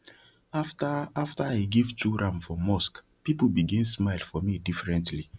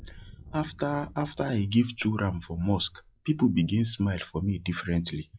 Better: first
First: none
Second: noise reduction (classical method log-MMSE)

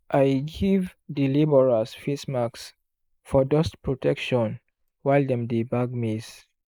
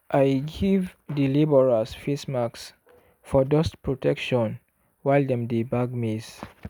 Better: second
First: noise reduction (neural mask model Resemble Enhance denoiser)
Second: none

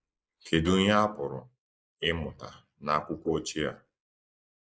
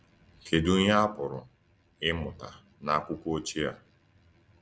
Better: second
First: noise reduction (neural mask model Resemble Enhance denoiser)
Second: none

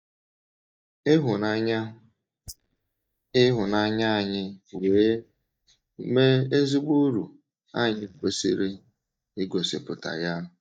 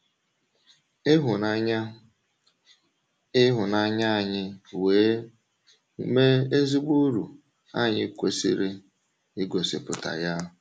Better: second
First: noise reduction (neural mask model DeepFilterNet 3)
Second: none

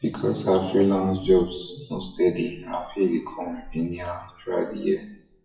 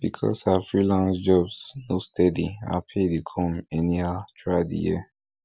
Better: second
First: noise reduction (classical method WPE with log-MMSE)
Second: none

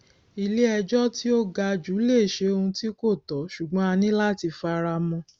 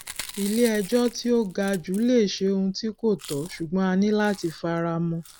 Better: first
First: none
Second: background sound (Chewing, mastication); 18 dB below the speech

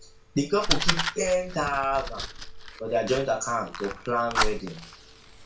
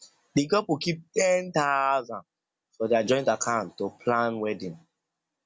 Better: second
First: background sound (Fire); 2 dB below the speech // room echo; dies away in 0.3 s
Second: none

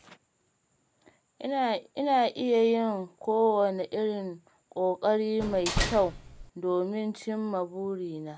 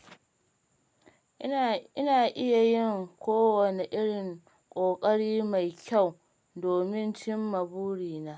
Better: second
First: background sound (Slam); 3 dB below the speech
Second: none

